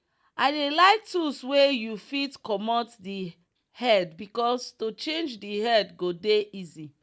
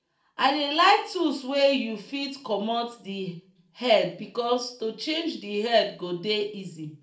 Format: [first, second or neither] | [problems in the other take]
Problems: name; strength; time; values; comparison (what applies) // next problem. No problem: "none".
first | room echo; dies away in 0.4 s